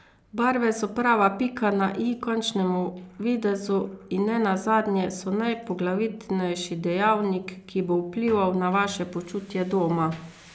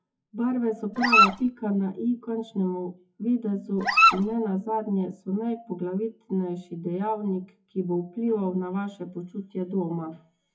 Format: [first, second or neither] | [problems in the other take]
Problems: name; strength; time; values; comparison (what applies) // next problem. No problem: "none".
first | noise reduction (classical method WPE with log-MMSE)